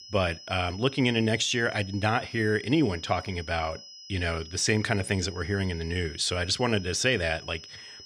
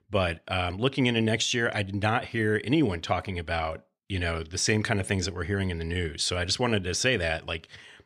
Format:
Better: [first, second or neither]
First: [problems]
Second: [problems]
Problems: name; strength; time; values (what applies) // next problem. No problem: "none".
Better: second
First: high-pitched whine; noticeable; throughout; 5 kHz, 15 dB below the speech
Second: none